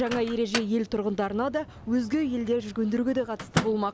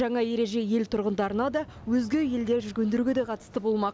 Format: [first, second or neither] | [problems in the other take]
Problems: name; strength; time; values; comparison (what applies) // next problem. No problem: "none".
second | background sound (Microwave oven); 10 dB below the speech